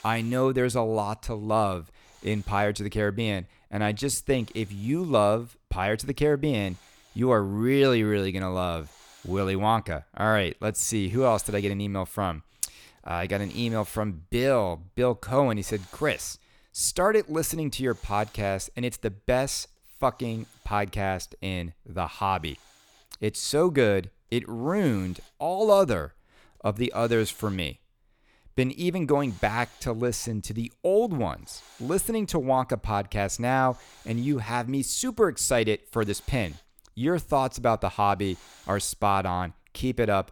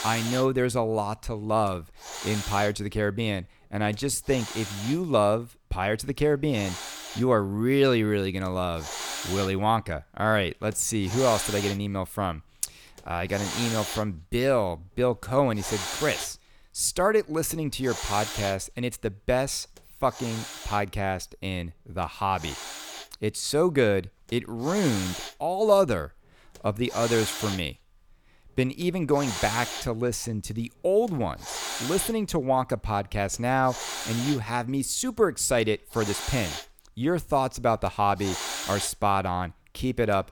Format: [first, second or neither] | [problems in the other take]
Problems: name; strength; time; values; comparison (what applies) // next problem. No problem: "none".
first | hiss; loud; throughout; 7 dB below the speech; faint in the first